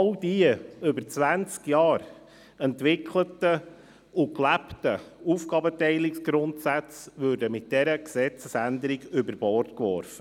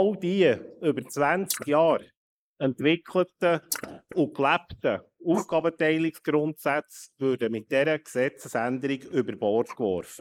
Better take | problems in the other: first | noise reduction (neural mask model Resemble Enhance denoiser)

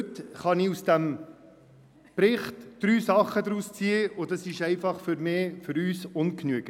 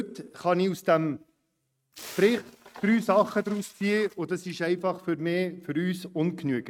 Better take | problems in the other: first | noise reduction (neural mask model RNNoise)

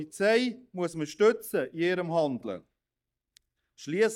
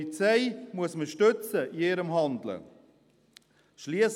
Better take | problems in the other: second | noise reduction (neural mask model DeepFilterNet 3)

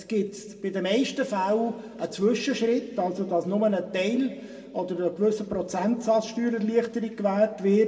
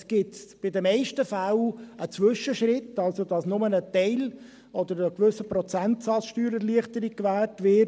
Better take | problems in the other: second | room echo; dies away in 1.8 s

